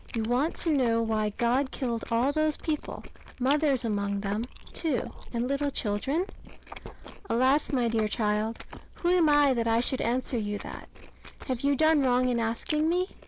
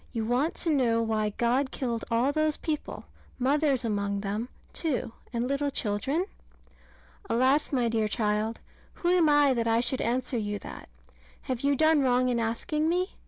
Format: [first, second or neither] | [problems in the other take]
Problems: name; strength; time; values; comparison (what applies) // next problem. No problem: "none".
second | background sound (Chewing, mastication); 15 dB below the speech